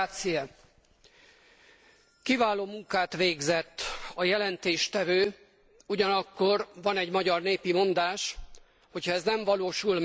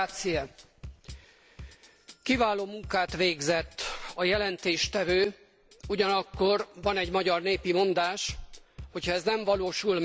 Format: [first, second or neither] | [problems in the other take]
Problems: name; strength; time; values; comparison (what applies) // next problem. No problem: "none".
first | background sound (Bass drum / Drum kit); 18 dB below the speech